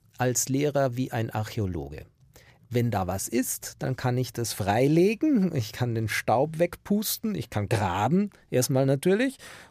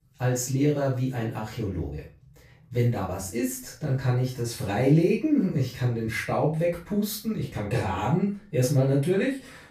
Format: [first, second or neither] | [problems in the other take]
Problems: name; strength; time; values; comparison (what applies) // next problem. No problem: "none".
first | off-mic speech; far // room echo; slight; dies away in 0.3 s